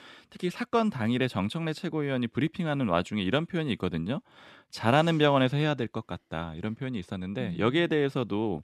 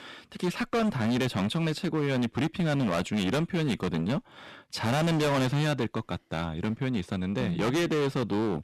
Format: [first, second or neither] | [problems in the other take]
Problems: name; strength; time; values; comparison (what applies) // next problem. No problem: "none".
first | distortion; heavy; 23% of the sound clipped